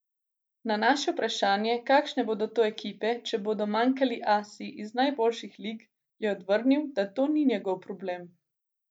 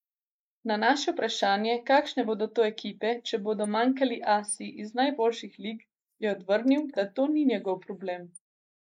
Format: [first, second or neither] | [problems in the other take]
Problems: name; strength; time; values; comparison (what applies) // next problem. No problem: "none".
first | noise reduction (neural mask model Resemble Enhance denoiser)